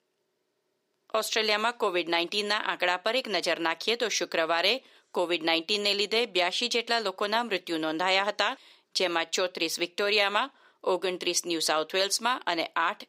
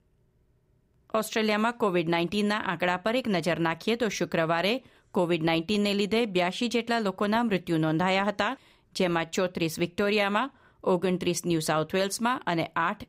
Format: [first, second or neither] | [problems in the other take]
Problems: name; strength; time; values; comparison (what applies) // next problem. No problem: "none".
second | thin; somewhat; fading below 350 Hz